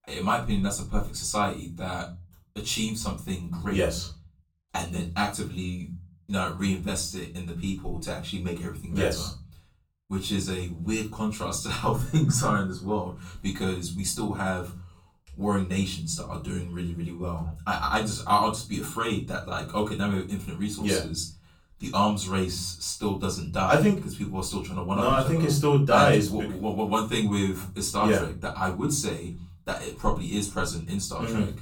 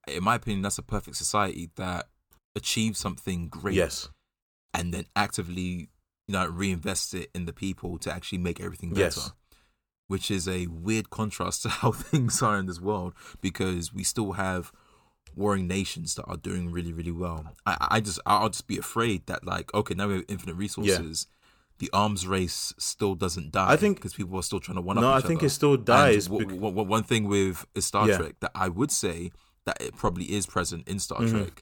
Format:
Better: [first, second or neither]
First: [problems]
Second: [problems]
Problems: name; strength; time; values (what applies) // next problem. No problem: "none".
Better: second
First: room echo; slight; dies away in 0.3 s // off-mic speech; far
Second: none